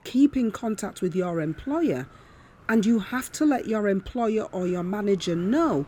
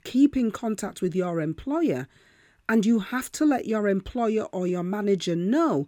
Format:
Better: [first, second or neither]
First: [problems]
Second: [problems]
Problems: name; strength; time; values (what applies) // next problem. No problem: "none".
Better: second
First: wind noise on the microphone; occasional gusts; 20 dB below the speech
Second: none